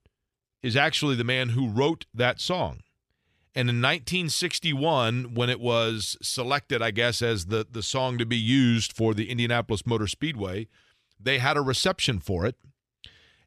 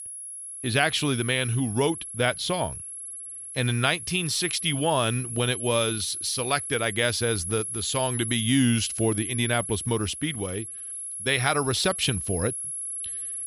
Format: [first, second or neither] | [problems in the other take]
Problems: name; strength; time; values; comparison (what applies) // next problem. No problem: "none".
first | high-pitched whine; loud; throughout; 11 kHz, 6 dB below the speech